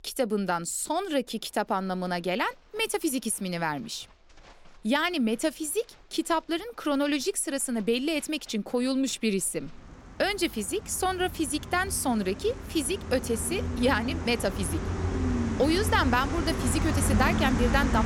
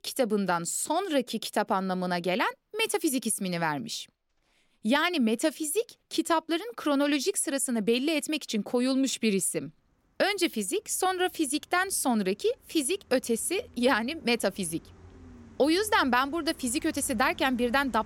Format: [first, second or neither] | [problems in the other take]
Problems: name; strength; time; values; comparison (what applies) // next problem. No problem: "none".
second | animal sounds; loud; throughout; 3 dB below the speech; faint in the second